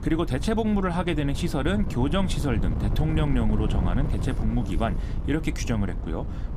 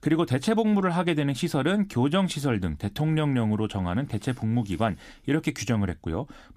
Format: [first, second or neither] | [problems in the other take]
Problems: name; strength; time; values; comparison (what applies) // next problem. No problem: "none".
second | wind noise on the microphone; occasional gusts; 10 dB below the speech